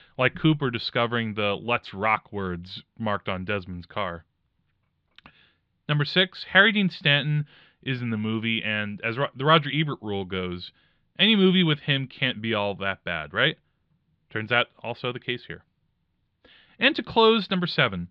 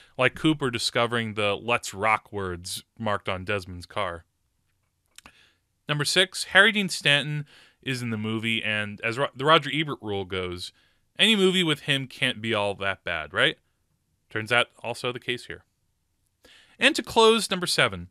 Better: second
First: muffled; slightly; fading above 4 kHz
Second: none

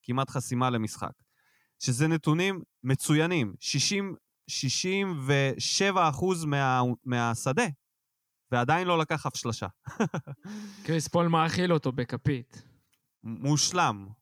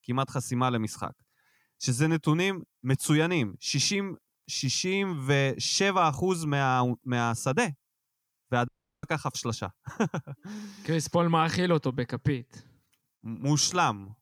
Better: first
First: none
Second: audio cutting out; at 8.5 s

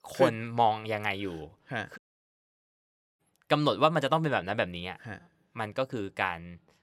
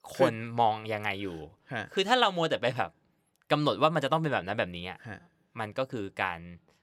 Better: second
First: audio cutting out; at 2 s for 1 s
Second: none

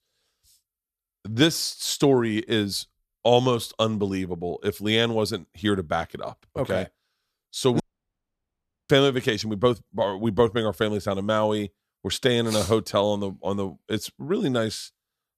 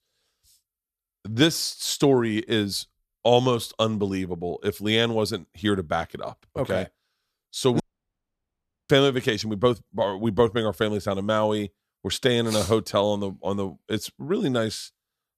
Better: neither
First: audio cutting out; at 8 s for 1 s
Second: audio cutting out; at 8 s for 1 s

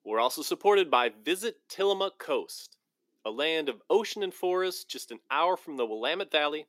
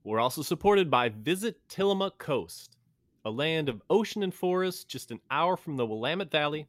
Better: second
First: thin; somewhat; fading below 300 Hz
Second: none

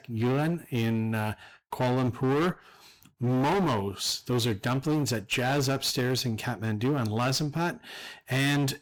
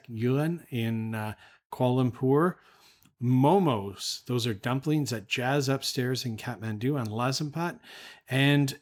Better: second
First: distortion; heavy; 20% of the sound clipped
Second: none

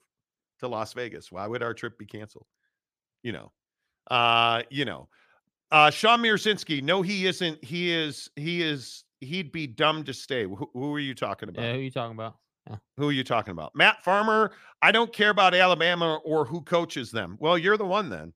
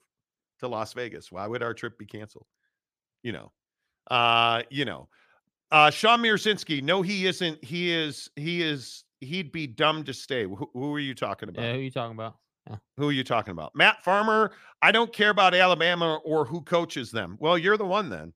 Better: neither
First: none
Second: none

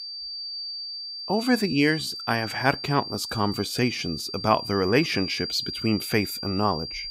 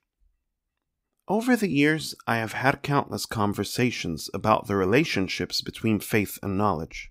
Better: second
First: high-pitched whine; loud; throughout; 4.5 kHz, 7 dB below the speech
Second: none

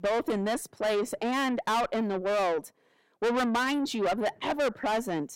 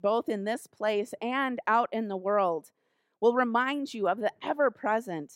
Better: second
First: distortion; heavy; 6 dB below the speech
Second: none

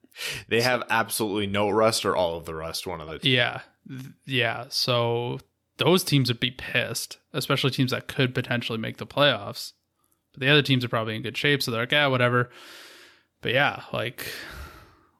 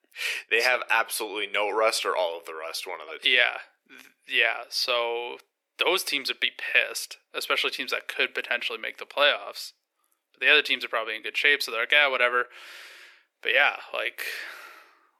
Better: first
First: none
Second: thin; very; fading below 400 Hz

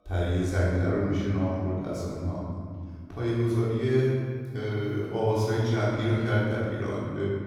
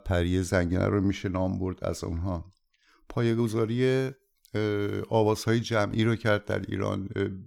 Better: second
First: off-mic speech; far // room echo; strong; dies away in 2.1 s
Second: none

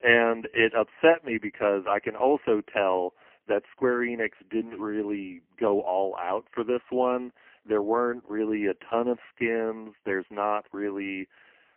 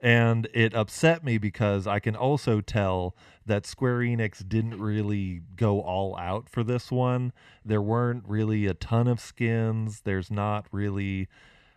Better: second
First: phone-call audio; poor line; nothing above 3 kHz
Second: none

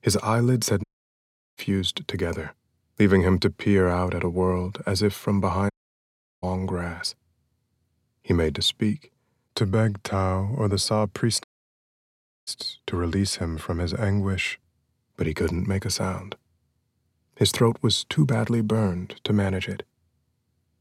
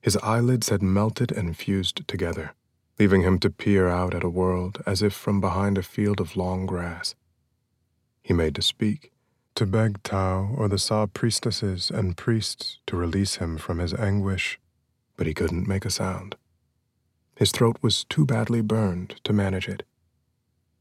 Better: second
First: audio cutting out; at 1 s for 0.5 s, at 5.5 s for 0.5 s and at 11 s for 1 s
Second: none

